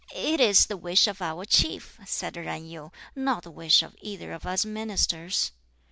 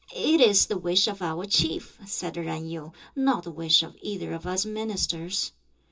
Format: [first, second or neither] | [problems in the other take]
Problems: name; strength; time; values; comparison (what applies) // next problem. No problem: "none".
first | room echo; dies away in 0.2 s